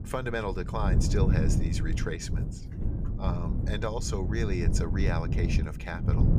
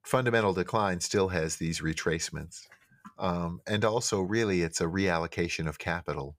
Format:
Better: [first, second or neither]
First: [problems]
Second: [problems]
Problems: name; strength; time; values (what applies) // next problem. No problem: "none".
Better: second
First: wind noise on the microphone; heavy; 6 dB below the speech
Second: none